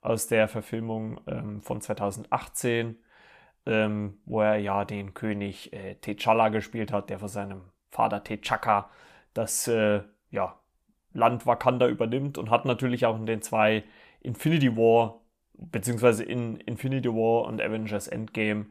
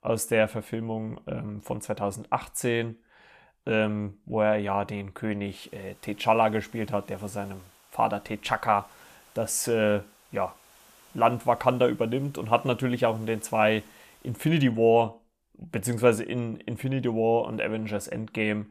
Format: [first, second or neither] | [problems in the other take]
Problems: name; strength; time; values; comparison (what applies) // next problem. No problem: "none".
first | hiss; faint; from 5.5 to 14 s; 30 dB below the speech